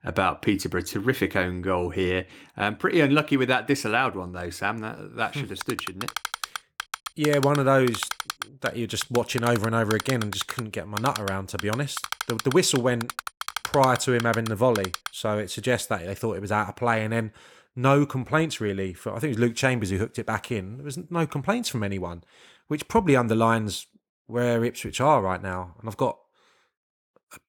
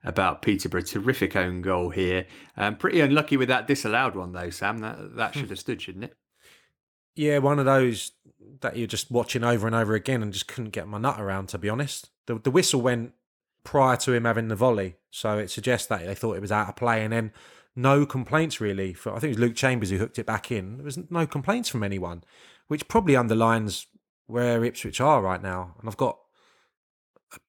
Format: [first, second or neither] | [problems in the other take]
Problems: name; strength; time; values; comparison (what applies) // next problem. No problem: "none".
second | keyboard typing; noticeable; from 5.5 to 15 s; peak 5 dB below the speech